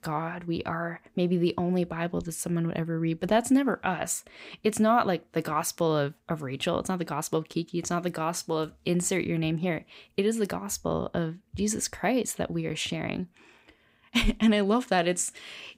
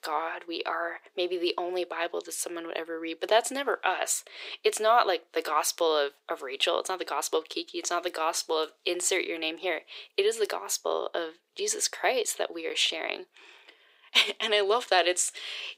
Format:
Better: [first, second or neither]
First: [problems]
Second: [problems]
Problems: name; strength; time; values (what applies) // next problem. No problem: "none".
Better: first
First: none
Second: thin; very; fading below 400 Hz